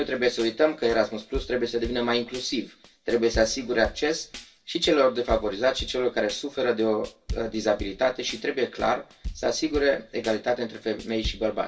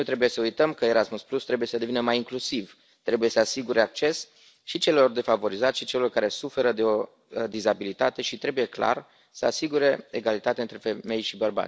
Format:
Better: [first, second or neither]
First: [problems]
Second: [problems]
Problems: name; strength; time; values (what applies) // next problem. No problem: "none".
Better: second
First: background sound (Drum / Drum kit); 14 dB below the speech // room echo; dies away in 0.2 s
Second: none